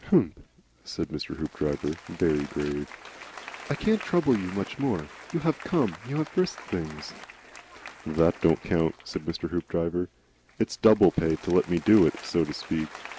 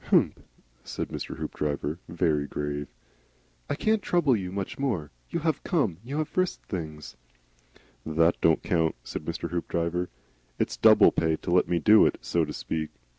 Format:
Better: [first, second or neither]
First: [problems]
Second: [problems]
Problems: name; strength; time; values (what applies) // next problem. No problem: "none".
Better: second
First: background sound (Applause); 18 dB below the speech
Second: none